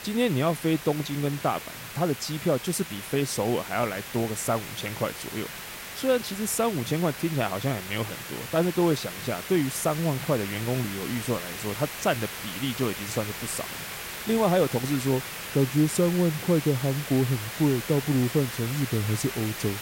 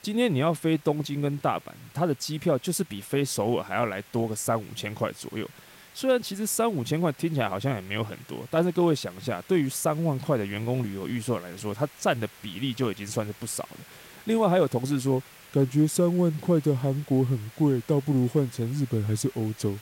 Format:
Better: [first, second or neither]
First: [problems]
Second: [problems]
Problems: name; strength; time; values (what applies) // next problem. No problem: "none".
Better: second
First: hiss; loud; throughout; 8 dB below the speech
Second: hiss; faint; throughout; 20 dB below the speech